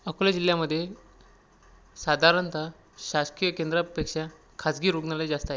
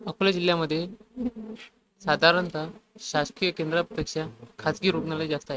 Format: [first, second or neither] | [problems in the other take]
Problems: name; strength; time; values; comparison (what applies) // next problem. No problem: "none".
first | noise reduction (neural mask model RNNoise)